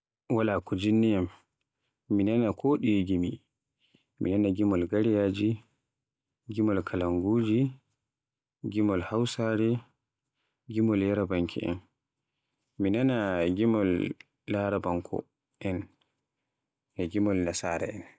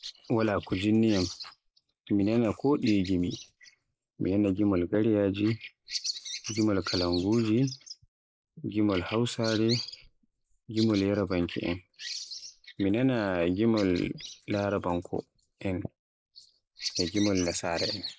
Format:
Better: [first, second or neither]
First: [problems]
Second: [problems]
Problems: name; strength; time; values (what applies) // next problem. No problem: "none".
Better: first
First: none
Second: noise reduction (neural mask model Resemble Enhance denoiser)